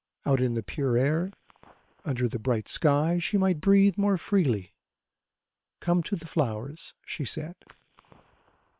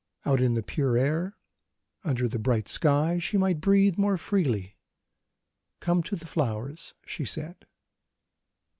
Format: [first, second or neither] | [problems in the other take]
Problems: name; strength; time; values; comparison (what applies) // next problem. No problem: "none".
second | noise reduction (neural separator model SepFormer WHAM!)